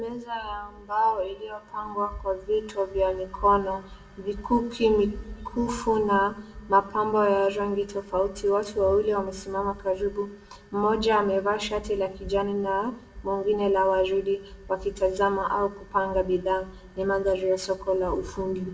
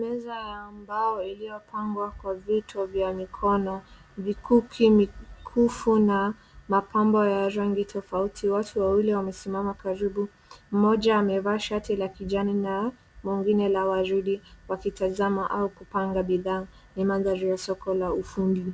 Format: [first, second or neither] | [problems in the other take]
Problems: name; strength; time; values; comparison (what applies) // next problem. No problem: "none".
second | room echo; dies away in 0.5 s